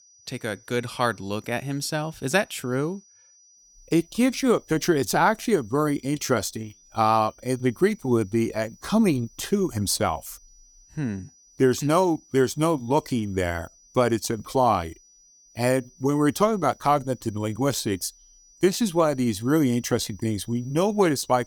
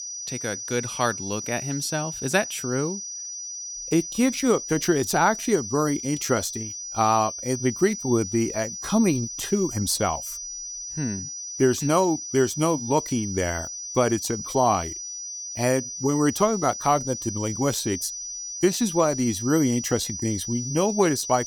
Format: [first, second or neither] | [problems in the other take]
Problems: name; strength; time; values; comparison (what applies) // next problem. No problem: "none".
first | high-pitched whine; loud; throughout; 6 kHz, 7 dB below the speech; faint in the first